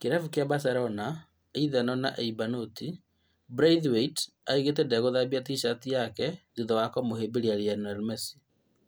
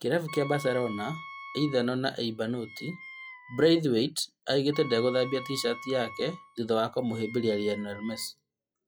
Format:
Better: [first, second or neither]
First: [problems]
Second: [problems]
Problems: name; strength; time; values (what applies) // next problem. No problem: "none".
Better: first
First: none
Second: noise reduction (classical method log-MMSE)